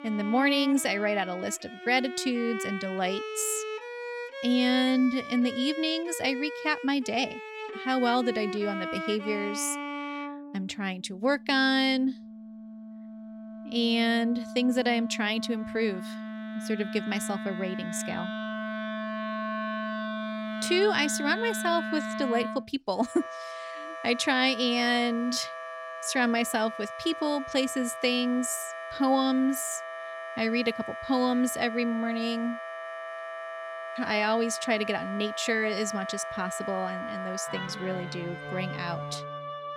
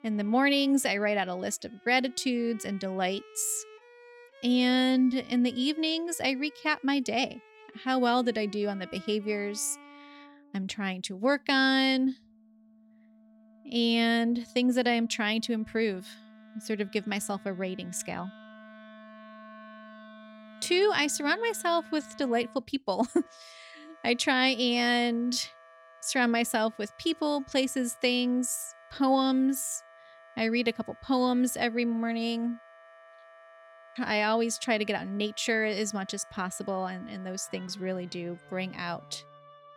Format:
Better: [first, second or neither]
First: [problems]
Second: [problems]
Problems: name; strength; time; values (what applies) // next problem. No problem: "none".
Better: second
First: background music; loud; throughout; 8 dB below the speech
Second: background music; faint; throughout; 25 dB below the speech